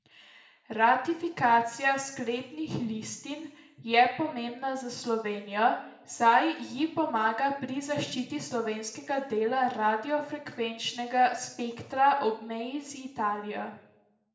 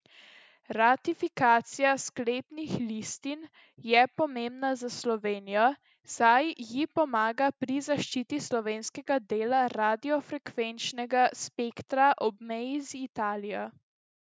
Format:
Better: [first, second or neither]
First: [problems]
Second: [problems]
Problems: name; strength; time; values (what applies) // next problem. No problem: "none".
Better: second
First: room echo; dies away in 0.7 s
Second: none